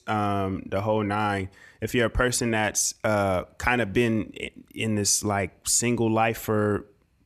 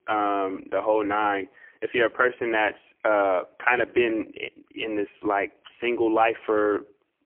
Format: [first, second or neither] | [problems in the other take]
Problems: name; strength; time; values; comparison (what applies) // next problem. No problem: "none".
first | phone-call audio; poor line; nothing above 3 kHz